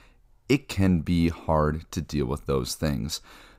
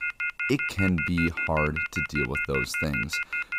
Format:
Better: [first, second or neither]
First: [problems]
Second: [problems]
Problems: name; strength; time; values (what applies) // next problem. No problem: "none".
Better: first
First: none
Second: phone ringing; loud; peak 1 dB above the speech